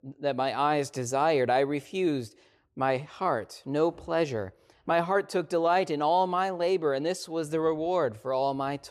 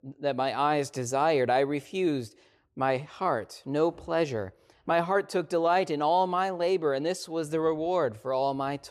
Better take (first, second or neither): neither